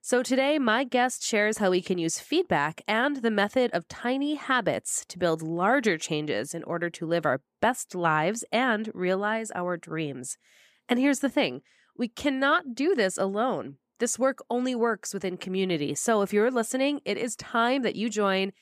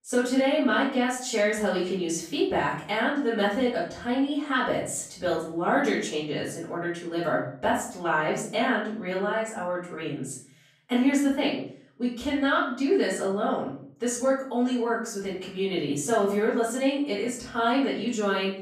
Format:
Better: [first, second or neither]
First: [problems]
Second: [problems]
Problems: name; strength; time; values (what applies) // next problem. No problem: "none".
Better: first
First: none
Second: off-mic speech; far // room echo; noticeable; dies away in 0.5 s